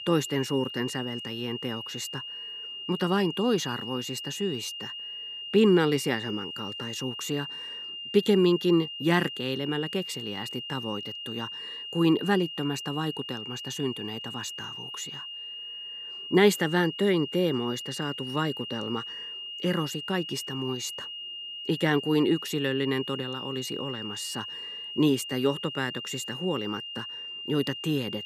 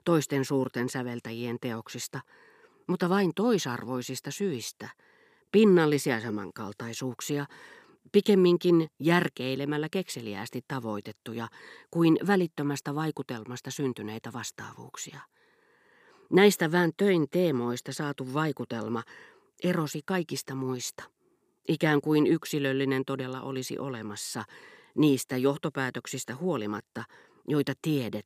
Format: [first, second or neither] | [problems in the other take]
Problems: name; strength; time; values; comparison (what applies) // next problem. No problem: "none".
second | high-pitched whine; loud; throughout; 3 kHz, 7 dB below the speech